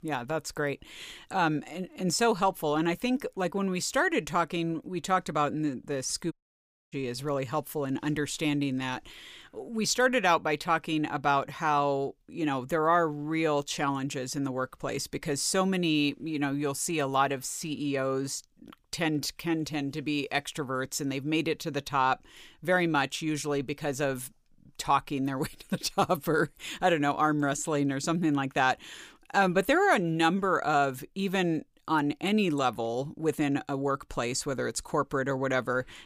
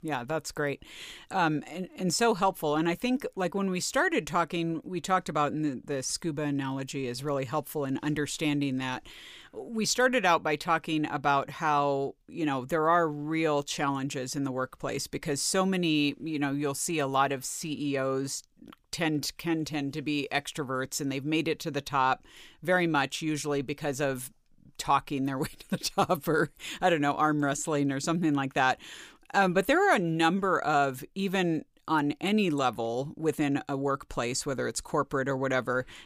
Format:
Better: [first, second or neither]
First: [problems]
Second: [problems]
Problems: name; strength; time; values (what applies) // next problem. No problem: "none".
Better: second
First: audio cutting out; at 6.5 s for 0.5 s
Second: none